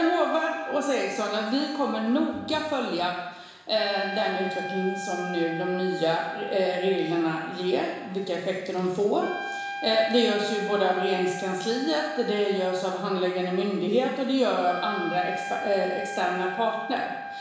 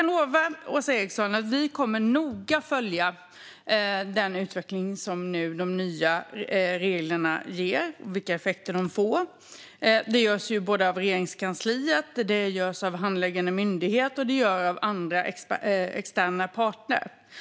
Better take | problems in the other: second | background sound (Trumpet); 10 dB below the speech // room echo; dies away in 1 s

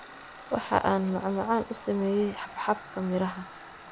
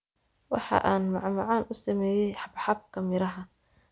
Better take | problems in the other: second | background sound (Tools); 16 dB below the speech

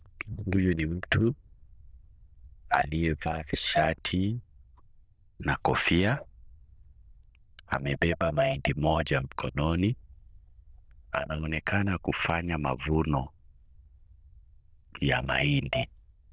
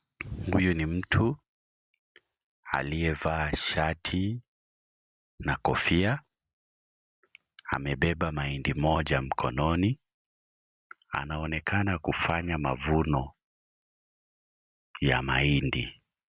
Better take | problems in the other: second | noise reduction (neural diffusion model UNIVERSE++)

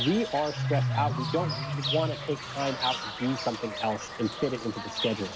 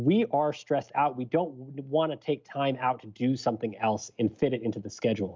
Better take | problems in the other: second | background sound (Bird / Fowl); 2 dB below the speech

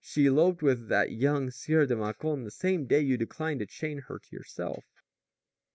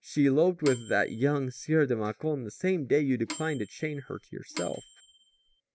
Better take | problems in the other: first | background sound (Microwave oven / Bell); 15 dB below the speech

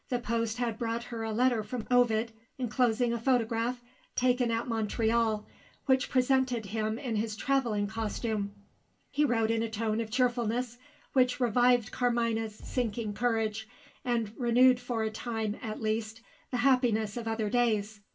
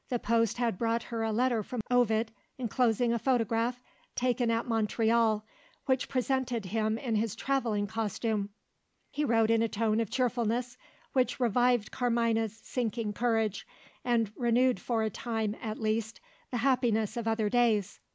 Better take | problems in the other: second | background sound (Fireworks); 19 dB below the speech // room echo; dies away in 0.2 s

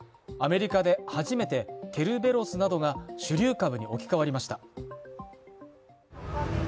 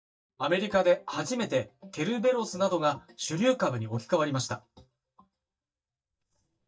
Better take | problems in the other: first | noise reduction (neural mask model DeepFilterNet 3)

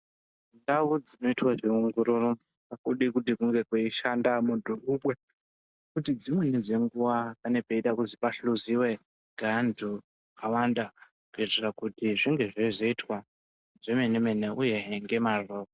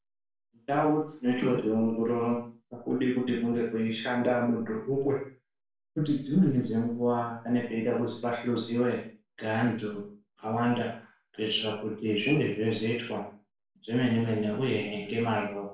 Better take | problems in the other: first | room echo; dies away in 0.4 s

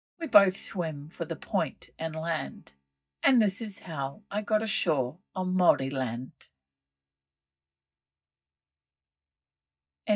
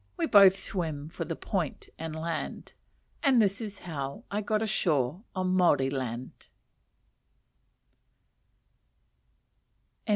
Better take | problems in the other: second | noise reduction (neural mask model DeepFilterNet 3)

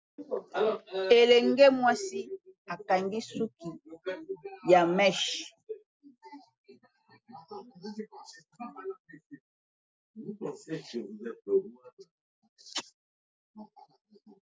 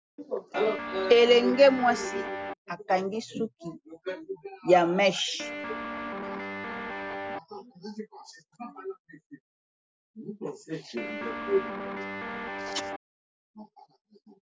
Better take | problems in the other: first | background sound (Guitar); 6 dB below the speech

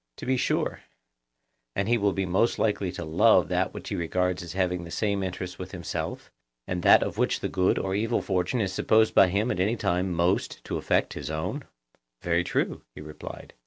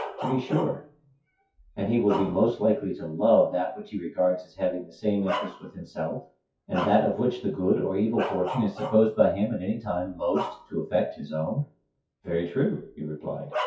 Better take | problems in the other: first | noise reduction (classical method WPE with log-MMSE)

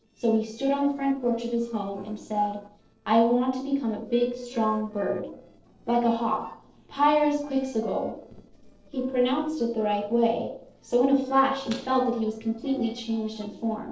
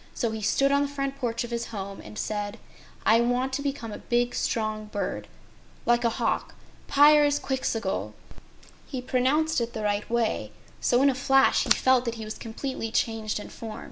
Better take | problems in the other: second | noise reduction (neural separator model SepFormer DNS4)

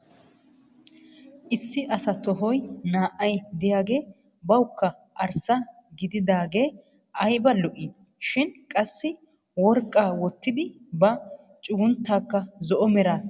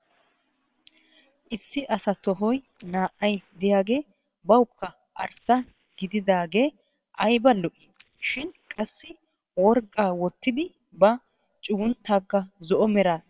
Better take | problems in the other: first | noise reduction (neural separator model SepFormer WHAM!)

